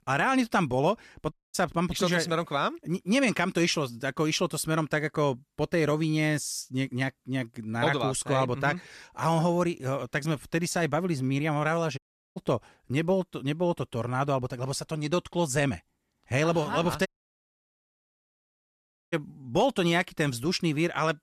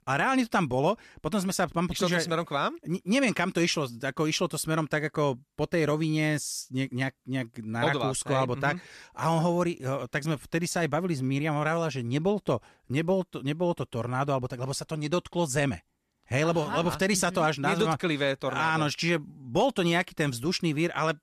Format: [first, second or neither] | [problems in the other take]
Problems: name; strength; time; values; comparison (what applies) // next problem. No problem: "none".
second | audio cutting out; at 1.5 s, at 12 s and at 17 s for 2 s